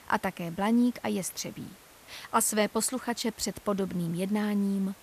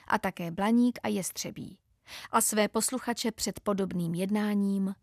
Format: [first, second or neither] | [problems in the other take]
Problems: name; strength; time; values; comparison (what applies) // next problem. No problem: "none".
second | hiss; faint; throughout; 25 dB below the speech